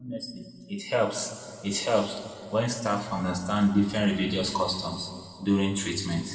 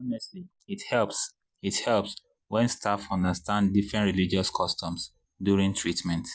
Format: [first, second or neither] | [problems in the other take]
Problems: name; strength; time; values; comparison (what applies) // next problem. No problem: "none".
second | room echo; dies away in 1.9 s